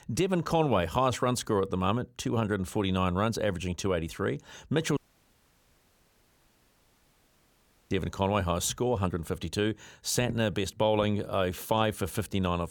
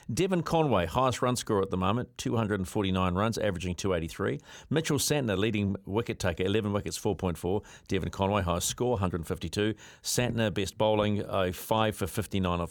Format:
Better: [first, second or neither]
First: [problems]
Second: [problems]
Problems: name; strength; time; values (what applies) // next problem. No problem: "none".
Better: second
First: audio cutting out; at 5 s for 3 s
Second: none